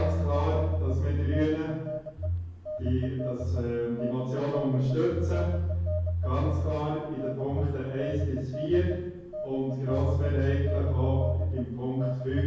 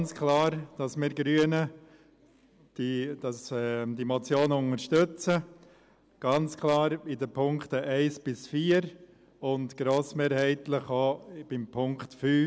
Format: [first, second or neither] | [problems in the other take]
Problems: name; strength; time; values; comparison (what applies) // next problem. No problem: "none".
second | background sound (Telephone); as loud as the speech // room echo; dies away in 1.3 s